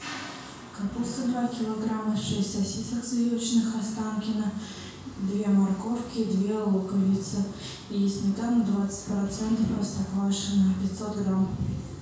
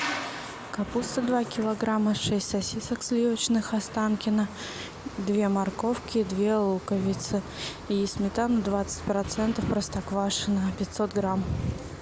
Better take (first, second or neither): second